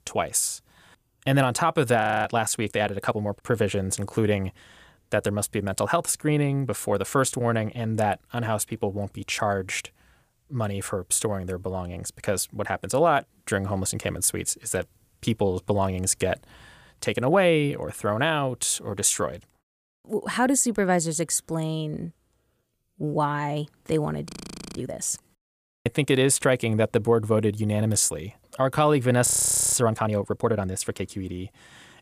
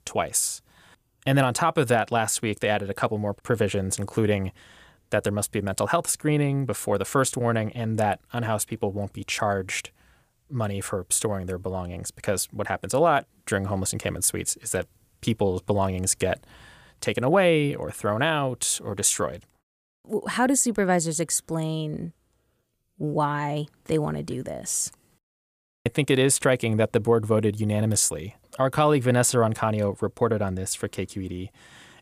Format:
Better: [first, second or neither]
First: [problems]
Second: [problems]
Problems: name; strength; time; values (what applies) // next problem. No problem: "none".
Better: second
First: audio freezing; at 2 s, at 24 s and at 29 s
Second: none